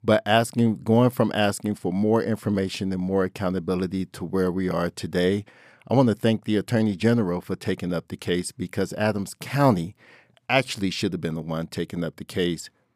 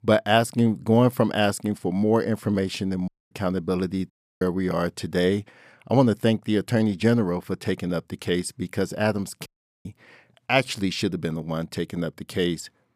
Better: first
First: none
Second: audio cutting out; at 3 s, at 4 s and at 9.5 s

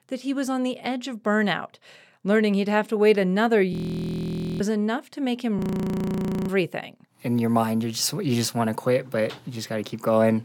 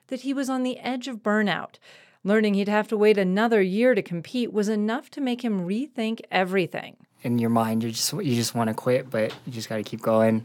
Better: second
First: audio freezing; at 3.5 s for 1 s and at 5.5 s for 1 s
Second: none

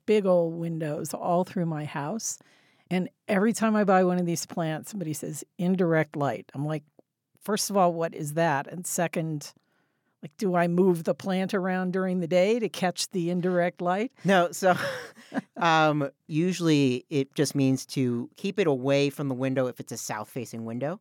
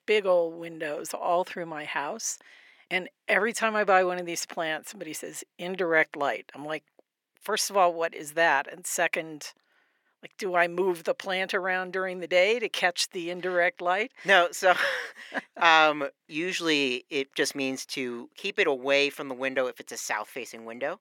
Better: first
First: none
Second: thin; somewhat; fading below 450 Hz

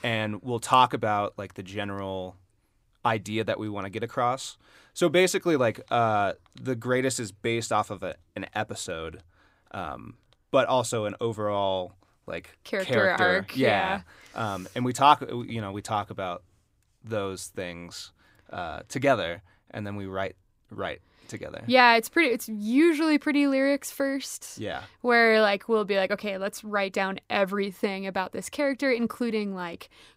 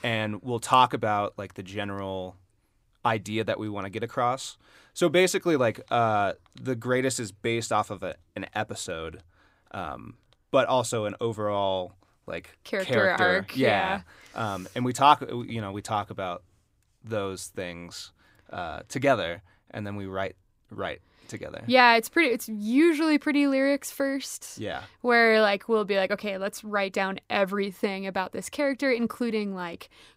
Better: neither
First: none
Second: none

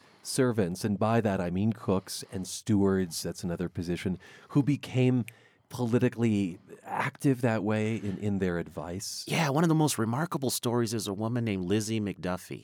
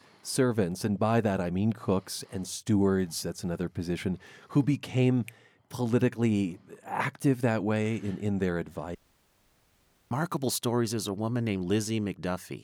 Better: first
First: none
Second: audio cutting out; at 9 s for 1 s

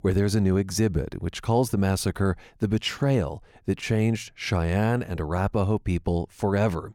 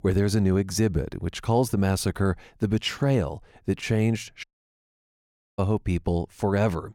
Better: first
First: none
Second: audio cutting out; at 4.5 s for 1 s

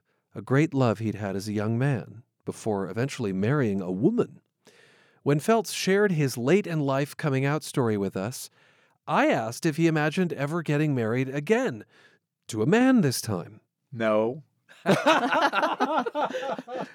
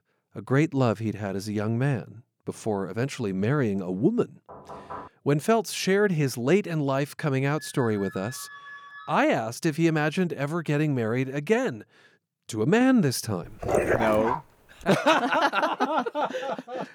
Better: first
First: none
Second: door banging; faint; at 4.5 s; peak 15 dB below the speech // phone ringing; faint; from 7.5 to 9 s; peak 15 dB below the speech // dog barking; loud; at 14 s; peak 2 dB above the speech

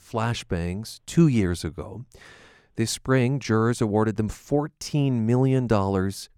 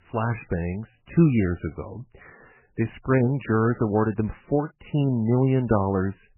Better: first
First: none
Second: garbled, watery; badly; nothing above 3 kHz

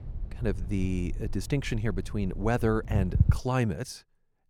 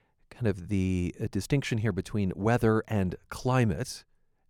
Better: second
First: low rumble; noticeable; until 3.5 s; 15 dB below the speech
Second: none

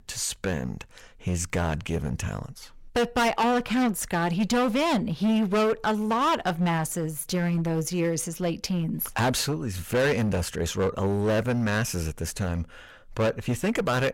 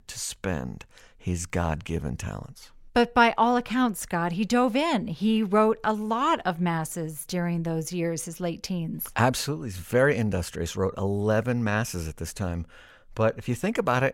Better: second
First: distortion; heavy; 12% of the sound clipped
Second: none

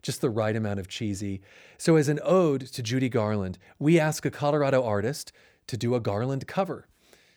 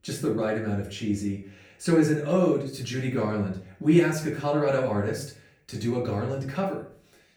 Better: first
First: none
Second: room echo; slight; dies away in 0.4 s // off-mic speech; far

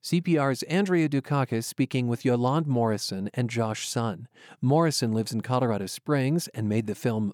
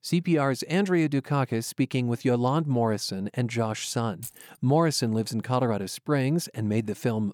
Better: first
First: none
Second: jangling keys; faint; at 4 s; peak 15 dB below the speech

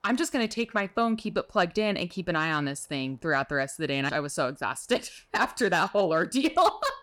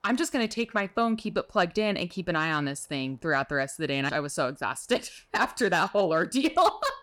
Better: neither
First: none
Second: none

